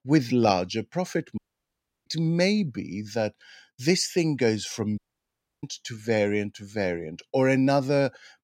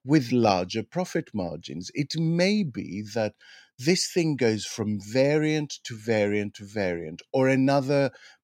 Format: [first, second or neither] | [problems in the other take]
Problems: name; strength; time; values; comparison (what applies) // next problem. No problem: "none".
second | audio cutting out; at 1.5 s for 0.5 s and at 5 s for 0.5 s